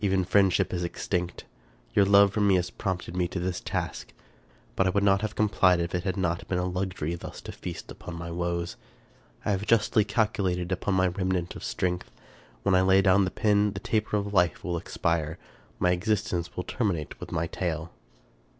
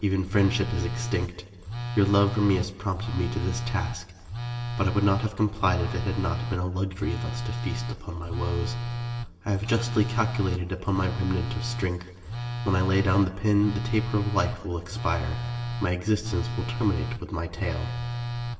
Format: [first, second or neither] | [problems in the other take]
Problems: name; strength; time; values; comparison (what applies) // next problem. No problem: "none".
first | background sound (Telephone); 5 dB below the speech // room echo; dies away in 1.9 s